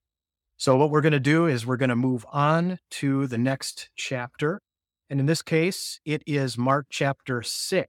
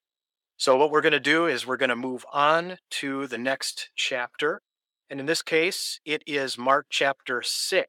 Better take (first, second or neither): first